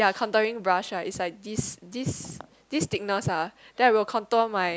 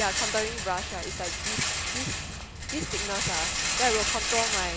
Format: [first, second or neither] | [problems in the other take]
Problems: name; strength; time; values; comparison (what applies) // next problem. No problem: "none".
first | background sound (Rattle); 3 dB above the speech